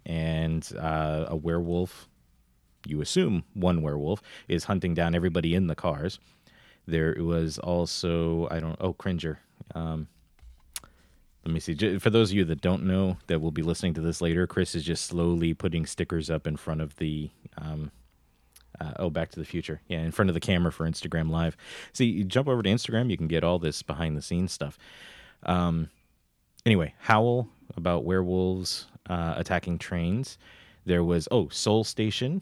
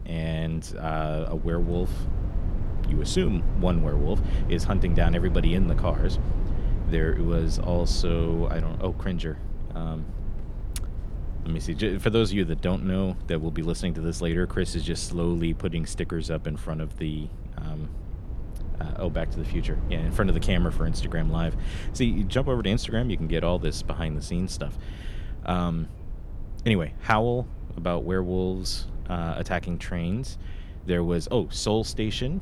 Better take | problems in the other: first | low rumble; noticeable; throughout; 15 dB below the speech

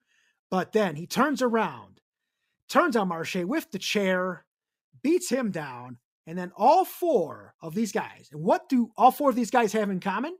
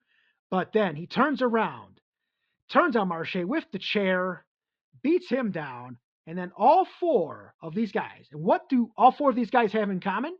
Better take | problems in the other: first | muffled; slightly; fading above 4 kHz

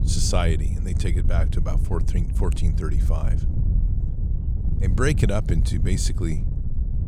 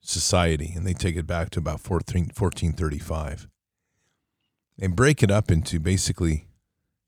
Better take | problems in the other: second | wind noise on the microphone; heavy; 10 dB below the speech

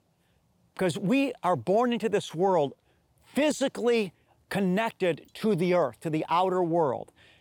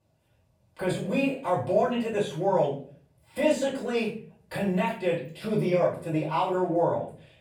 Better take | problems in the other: first | off-mic speech; far // room echo; noticeable; dies away in 0.4 s

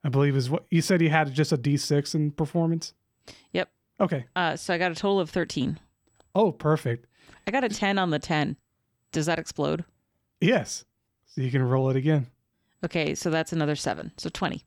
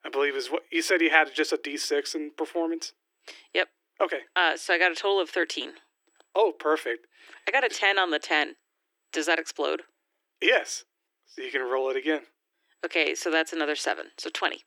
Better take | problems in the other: first | thin; very; fading below 300 Hz

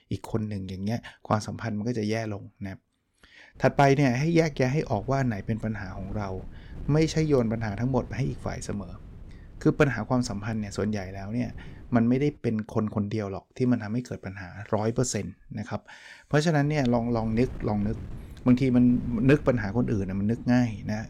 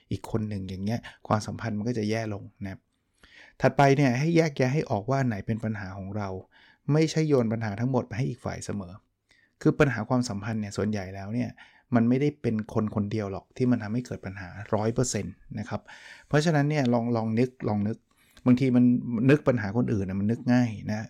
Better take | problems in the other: second | wind noise on the microphone; occasional gusts; from 3.5 to 12 s and from 17 s on; 25 dB below the speech

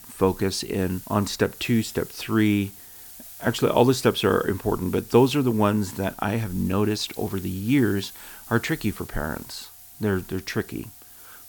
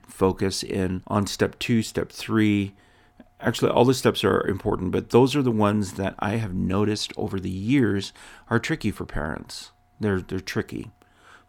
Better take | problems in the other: second | hiss; noticeable; throughout; 15 dB below the speech

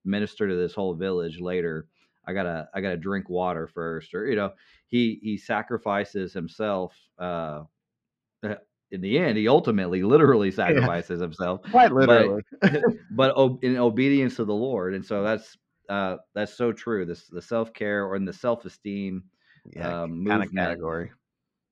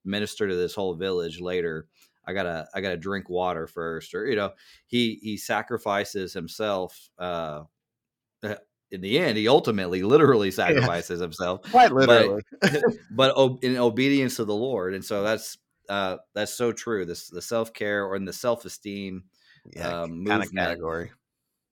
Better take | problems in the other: second | muffled; slightly; fading above 3 kHz

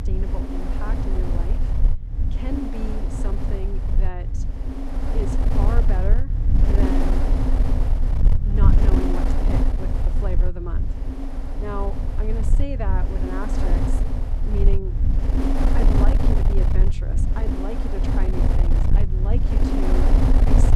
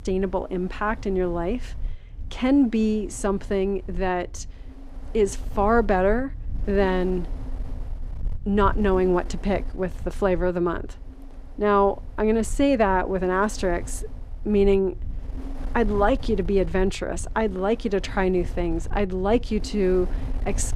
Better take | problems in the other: second | wind noise on the microphone; heavy; 2 dB above the speech; occasional gusts in the second

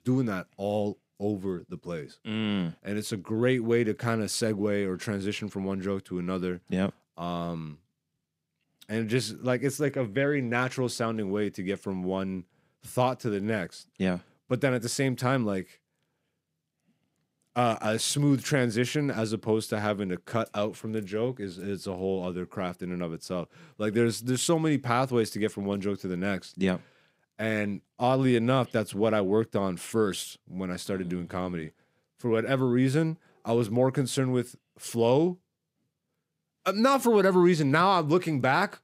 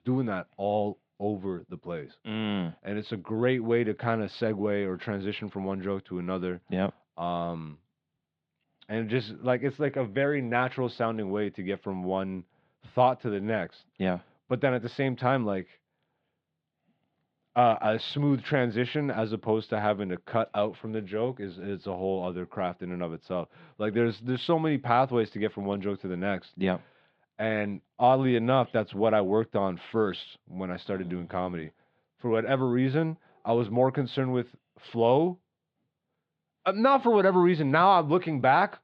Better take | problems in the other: first | muffled; very; fading above 4 kHz

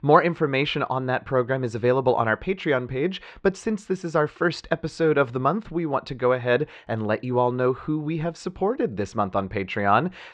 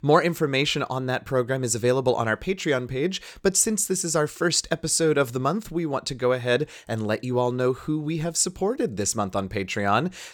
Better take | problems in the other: second | muffled; very; fading above 3 kHz

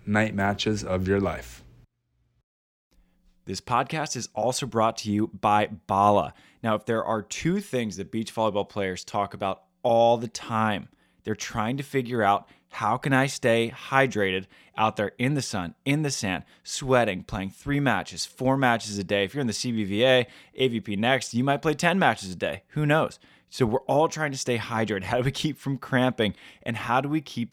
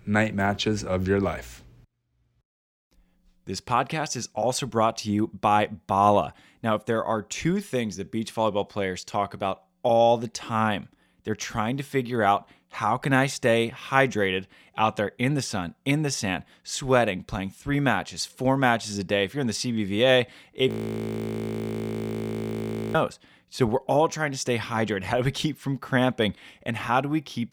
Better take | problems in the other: first | audio freezing; at 21 s for 2.5 s

